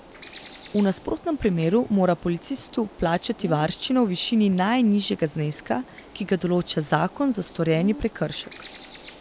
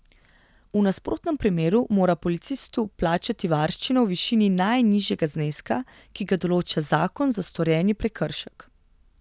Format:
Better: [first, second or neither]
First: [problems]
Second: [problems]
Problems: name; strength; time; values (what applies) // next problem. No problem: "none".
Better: second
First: background sound (Bird + Bird); 19 dB below the speech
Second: none